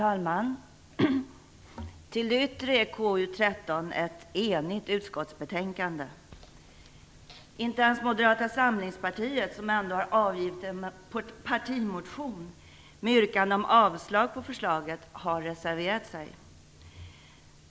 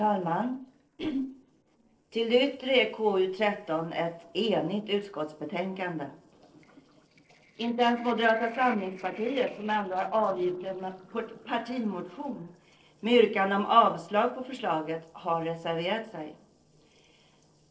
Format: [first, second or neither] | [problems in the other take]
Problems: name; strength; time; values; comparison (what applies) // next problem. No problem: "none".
first | noise reduction (neural separator model SepFormer DNS4)